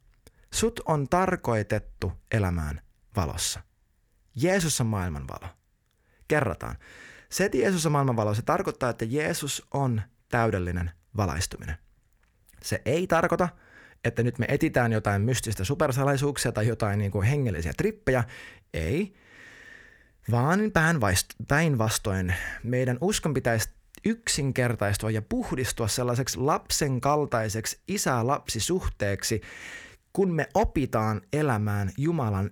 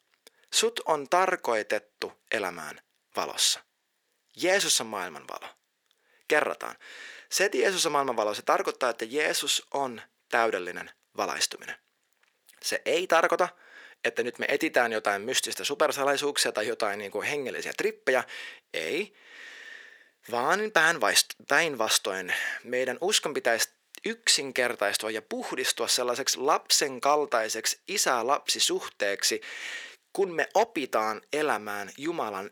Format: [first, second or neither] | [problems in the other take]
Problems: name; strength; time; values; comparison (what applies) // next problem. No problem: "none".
first | thin; very; fading below 350 Hz